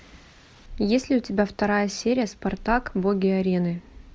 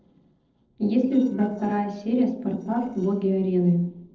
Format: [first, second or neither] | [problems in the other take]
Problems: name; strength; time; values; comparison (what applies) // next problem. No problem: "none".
first | noise reduction (neural separator model SepFormer DNS4)